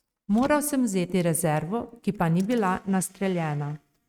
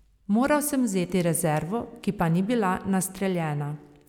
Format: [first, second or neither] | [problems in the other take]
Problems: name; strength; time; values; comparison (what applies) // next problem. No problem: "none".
second | noise reduction (neural mask model RNNoise)